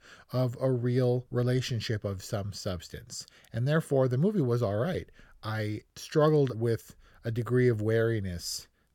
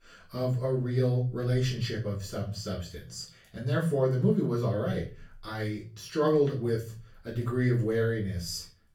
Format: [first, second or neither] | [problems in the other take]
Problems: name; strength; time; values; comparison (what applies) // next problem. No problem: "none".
first | room echo; slight; dies away in 0.3 s // off-mic speech; far